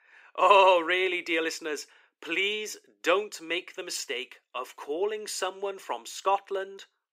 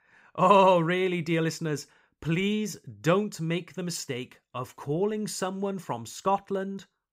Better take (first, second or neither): second